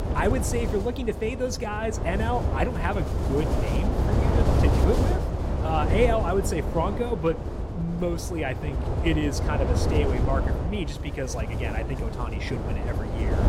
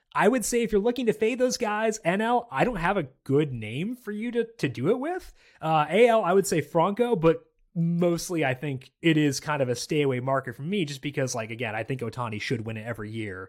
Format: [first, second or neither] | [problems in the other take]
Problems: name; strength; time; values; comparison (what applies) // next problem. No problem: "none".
second | wind noise on the microphone; heavy; 3 dB below the speech